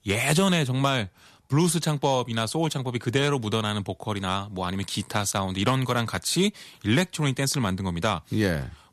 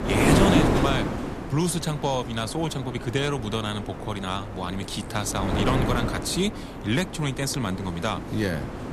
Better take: first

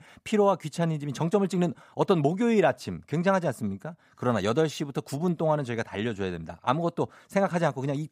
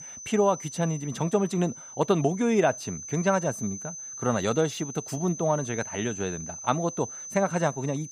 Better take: first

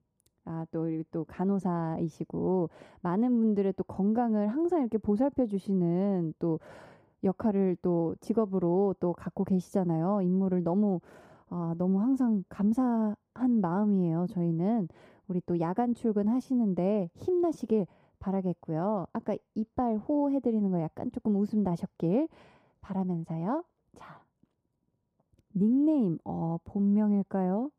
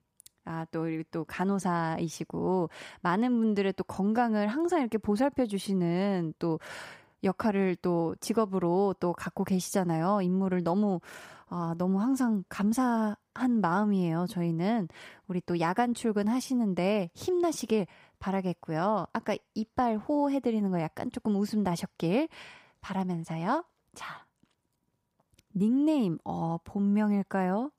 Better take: second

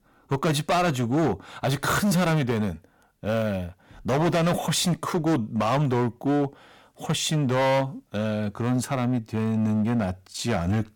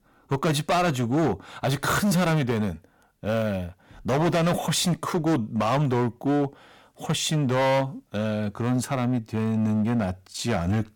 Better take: neither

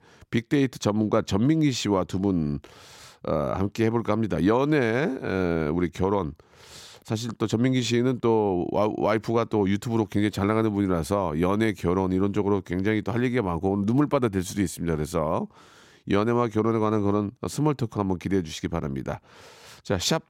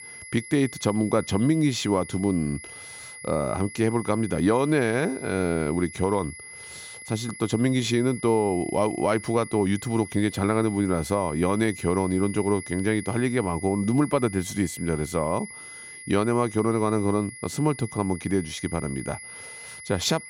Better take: first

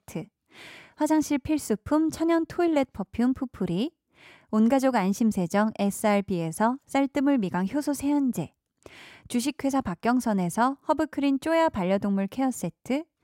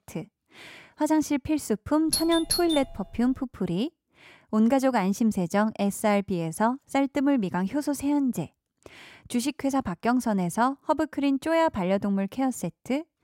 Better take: first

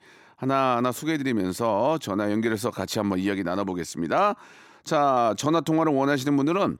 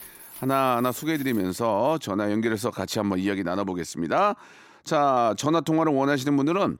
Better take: first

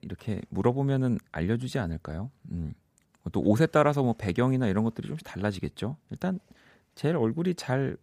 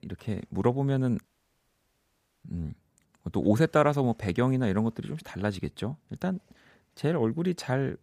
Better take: first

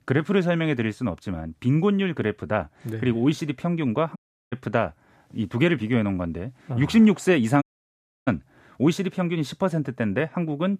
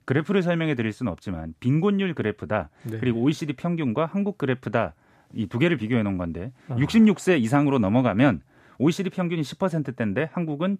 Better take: second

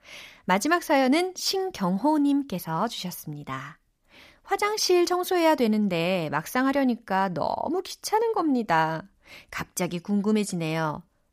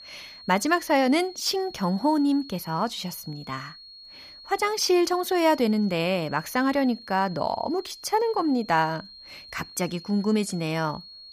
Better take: first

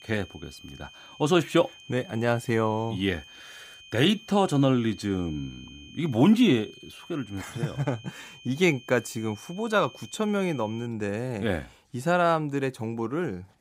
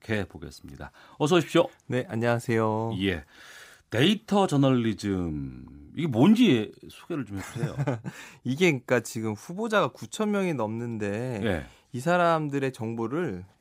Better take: second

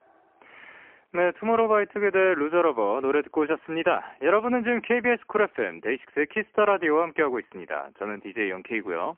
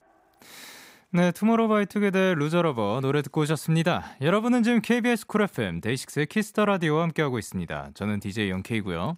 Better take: second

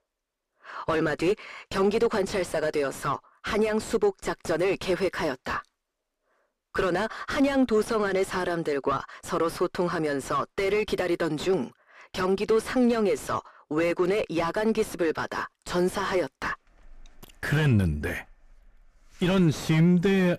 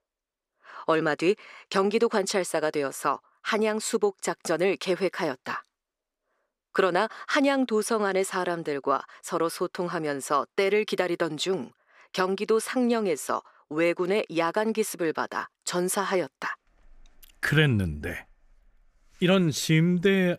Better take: second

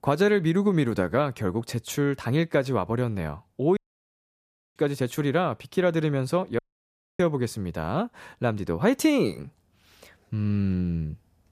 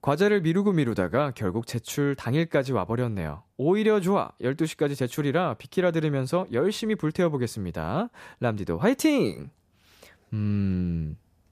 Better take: second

